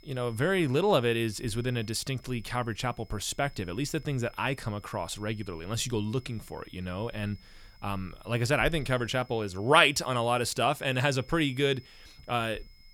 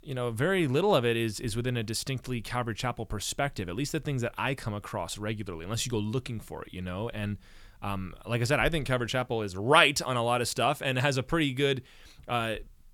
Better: second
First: high-pitched whine; faint; throughout; 5 kHz, 30 dB below the speech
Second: none

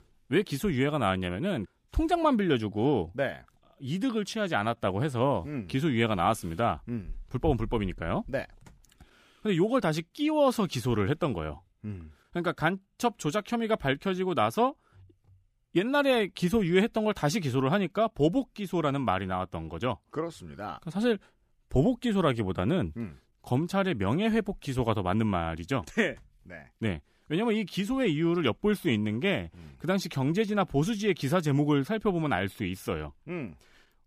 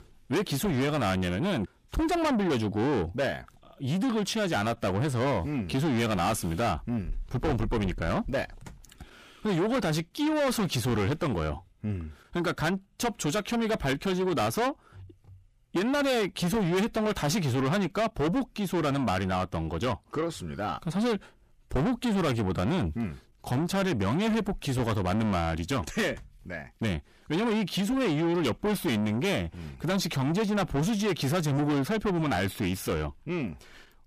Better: first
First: none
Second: distortion; heavy; 6 dB below the speech

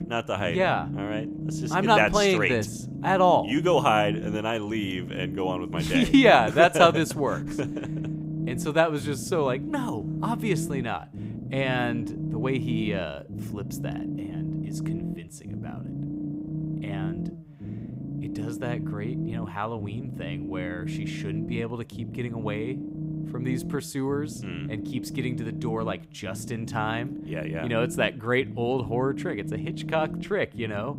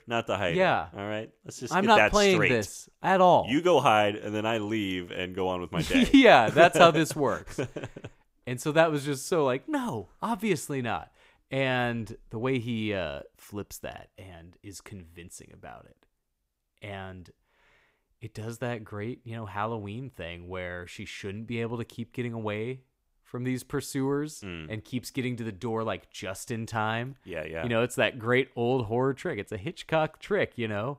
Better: second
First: low rumble; noticeable; throughout; 15 dB below the speech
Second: none

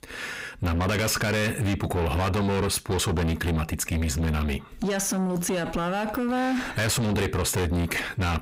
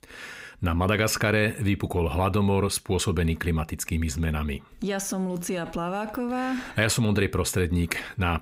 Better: second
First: distortion; heavy; 7 dB below the speech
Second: none

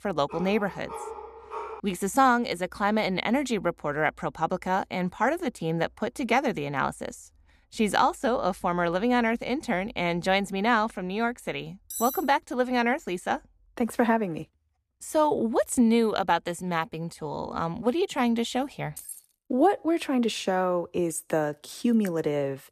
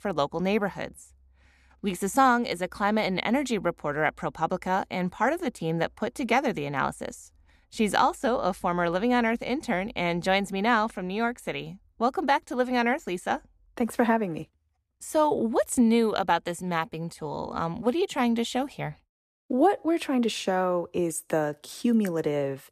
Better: second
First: dog barking; faint; until 2 s; peak 10 dB below the speech // clattering dishes; noticeable; at 12 s; peak 6 dB below the speech // jangling keys; faint; at 19 s; peak 15 dB below the speech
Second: none

